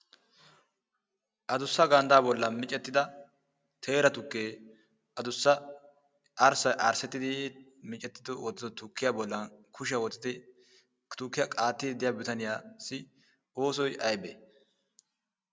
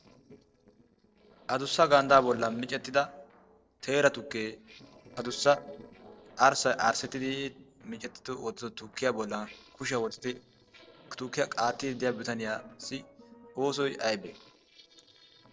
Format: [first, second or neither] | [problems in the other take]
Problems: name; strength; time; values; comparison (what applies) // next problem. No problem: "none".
first | noise reduction (neural separator model SepFormer DNS4)